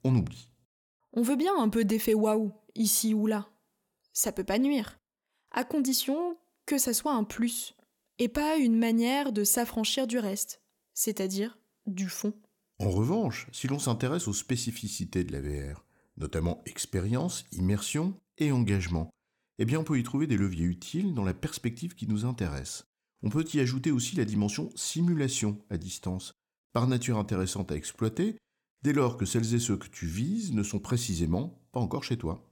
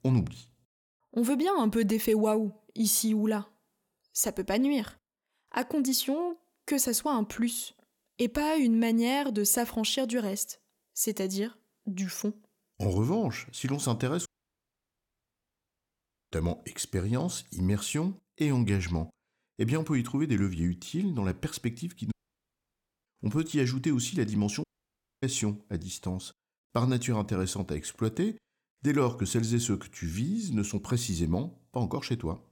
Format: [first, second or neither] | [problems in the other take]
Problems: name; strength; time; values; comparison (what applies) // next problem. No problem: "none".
first | audio cutting out; at 14 s for 2 s, at 22 s for 1 s and at 25 s for 0.5 s